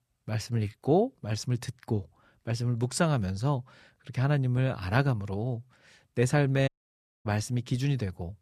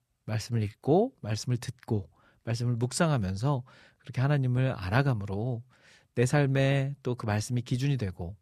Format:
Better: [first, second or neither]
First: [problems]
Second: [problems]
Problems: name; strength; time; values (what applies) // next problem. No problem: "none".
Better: second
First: audio cutting out; at 6.5 s for 0.5 s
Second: none